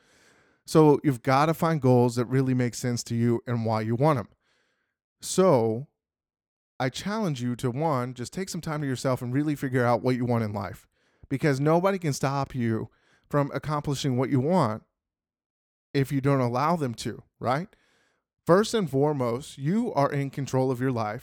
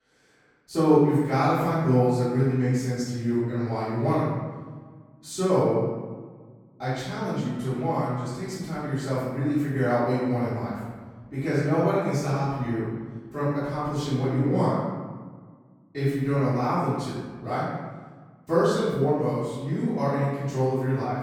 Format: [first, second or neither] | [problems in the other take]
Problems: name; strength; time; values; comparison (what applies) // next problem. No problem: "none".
first | off-mic speech; far // room echo; strong; dies away in 1.2 s